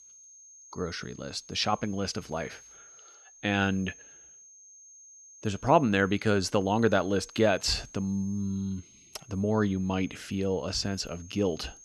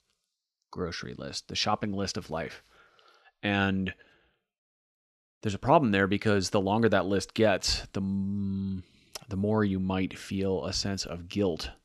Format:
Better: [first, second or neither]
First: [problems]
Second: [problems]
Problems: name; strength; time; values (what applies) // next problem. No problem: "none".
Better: second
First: high-pitched whine; faint; throughout; 6.5 kHz, 20 dB below the speech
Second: none